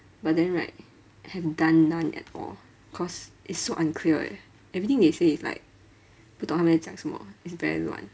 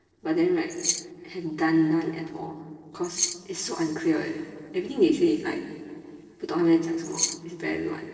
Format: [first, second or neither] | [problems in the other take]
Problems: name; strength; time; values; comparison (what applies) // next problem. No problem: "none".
first | noise reduction (neural separator model SepFormer DNS4)